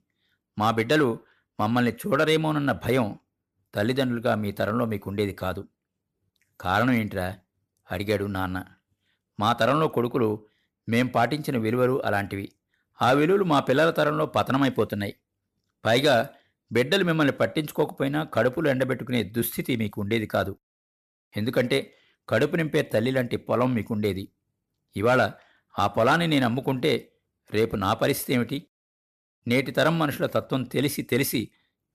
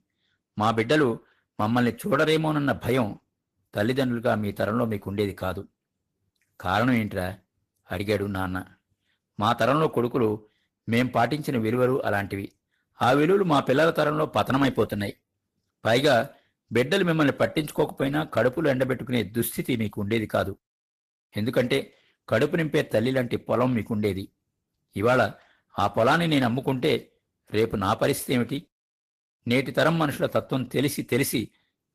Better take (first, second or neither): first